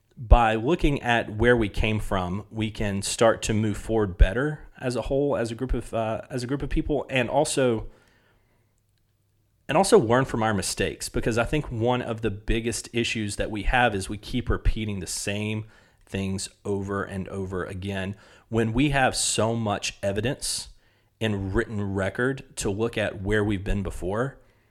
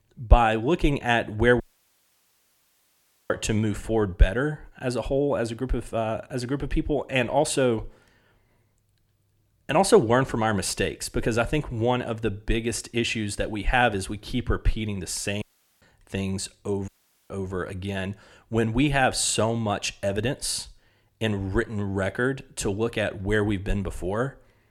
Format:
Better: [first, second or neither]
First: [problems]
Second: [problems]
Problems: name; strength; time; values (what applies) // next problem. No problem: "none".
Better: first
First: none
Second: audio cutting out; at 1.5 s for 1.5 s, at 15 s and at 17 s